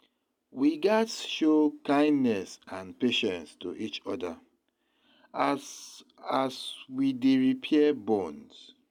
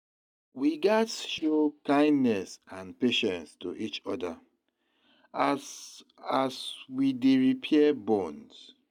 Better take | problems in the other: first | noise reduction (neural mask model DeepFilterNet 3)

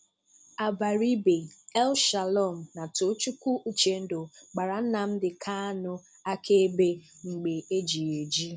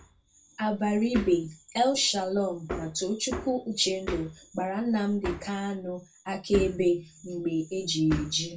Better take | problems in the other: first | background sound (Hammer); 12 dB below the speech // room echo; dies away in 0.2 s

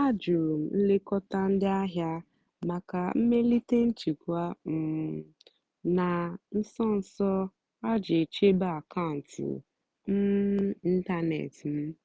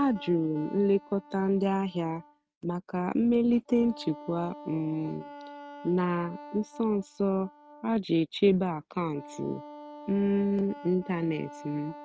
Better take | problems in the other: first | noise reduction (neural mask model RNNoise)

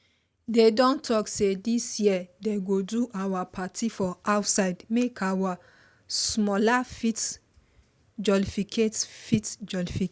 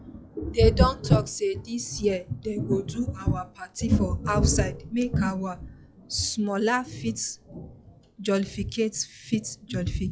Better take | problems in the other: first | noise reduction (classical method log-MMSE)

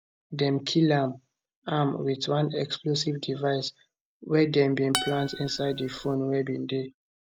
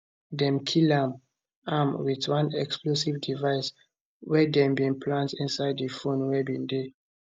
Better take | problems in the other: second | background sound (Acoustic guitar); 8 dB below the speech

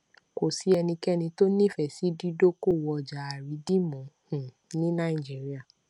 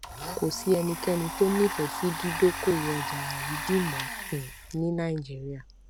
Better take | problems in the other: first | background sound (Domestic sounds, home sounds); 7 dB below the speech

